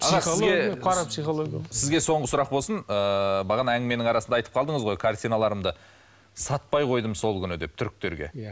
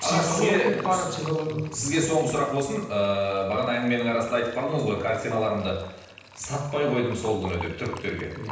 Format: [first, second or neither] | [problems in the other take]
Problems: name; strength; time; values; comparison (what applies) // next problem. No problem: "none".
first | background sound (Fill (with liquid)); 17 dB below the speech // room echo; dies away in 0.9 s